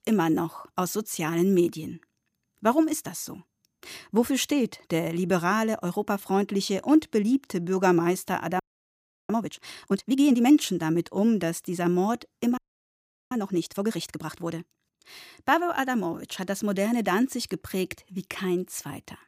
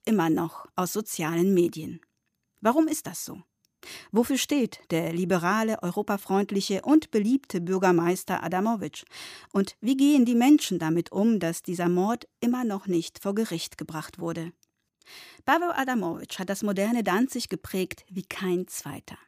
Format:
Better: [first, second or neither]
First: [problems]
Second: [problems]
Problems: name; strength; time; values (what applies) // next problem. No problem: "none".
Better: second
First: audio freezing; at 8.5 s for 0.5 s and at 13 s for 0.5 s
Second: none